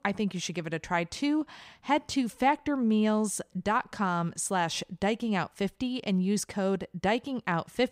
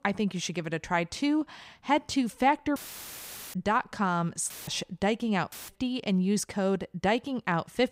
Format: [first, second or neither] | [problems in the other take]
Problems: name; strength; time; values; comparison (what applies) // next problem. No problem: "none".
first | audio cutting out; filled with static; at 3 s for 1 s, at 4.5 s and at 5.5 s